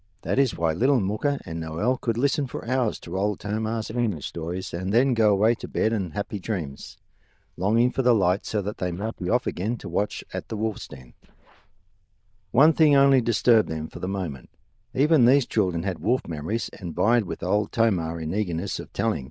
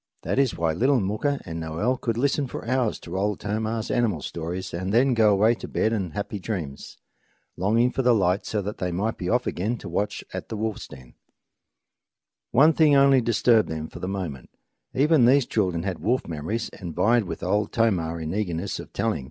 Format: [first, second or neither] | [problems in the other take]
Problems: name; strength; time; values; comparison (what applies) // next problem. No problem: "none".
second | noise reduction (neural diffusion model UNIVERSE++)